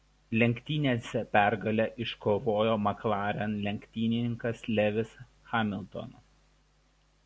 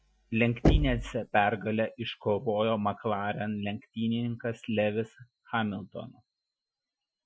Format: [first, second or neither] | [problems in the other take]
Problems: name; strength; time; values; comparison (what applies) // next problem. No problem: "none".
first | noise reduction (classical method Wiener filter)